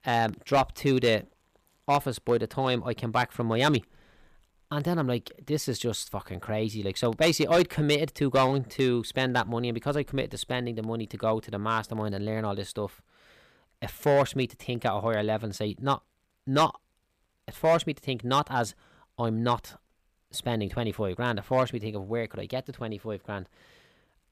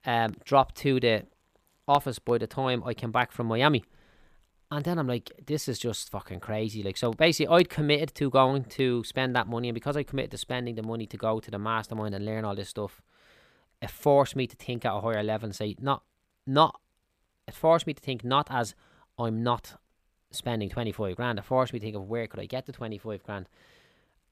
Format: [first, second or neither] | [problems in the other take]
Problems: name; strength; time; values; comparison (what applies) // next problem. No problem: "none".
second | distortion; slight; 1.7% of the sound clipped